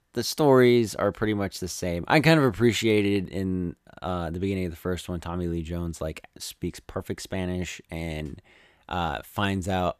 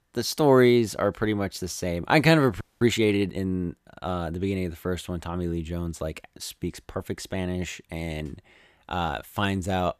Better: first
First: none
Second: audio freezing; at 2.5 s

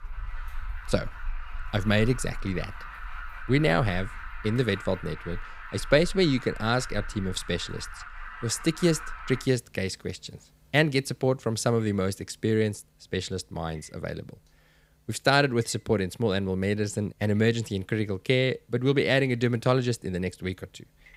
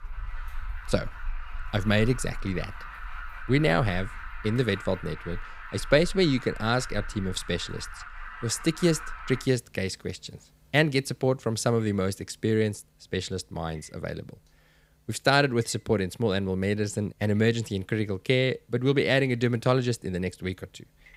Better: neither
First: alarms or sirens; noticeable; throughout; 15 dB below the speech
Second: alarms or sirens; noticeable; throughout; 15 dB below the speech

